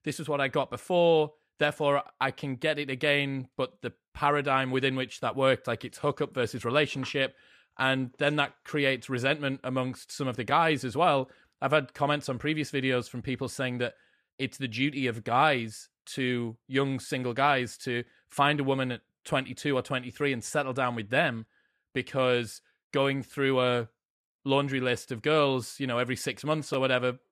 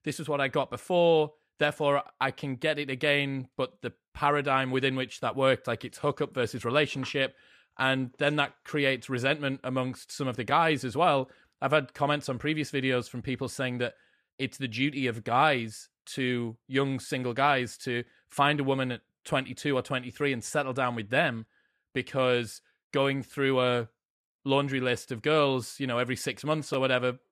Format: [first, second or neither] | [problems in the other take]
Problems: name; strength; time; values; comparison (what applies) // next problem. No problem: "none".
neither | none